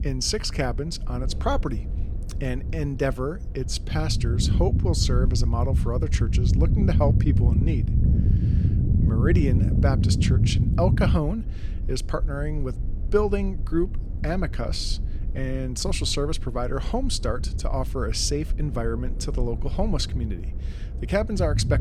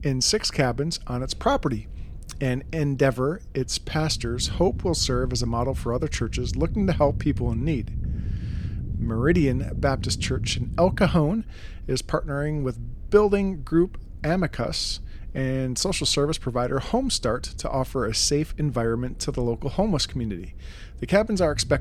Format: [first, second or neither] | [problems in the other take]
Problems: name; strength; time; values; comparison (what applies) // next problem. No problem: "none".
second | low rumble; loud; throughout; 9 dB below the speech; faint in the second